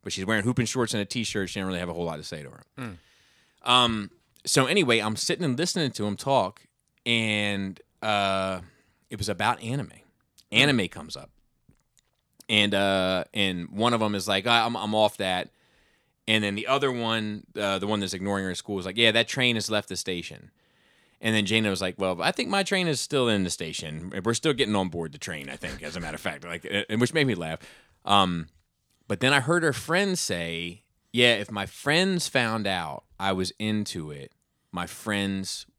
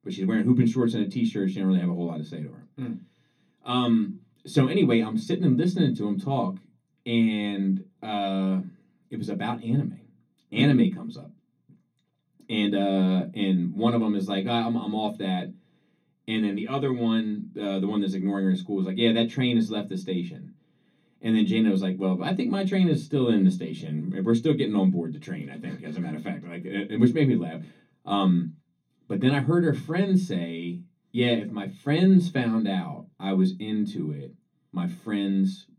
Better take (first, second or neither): first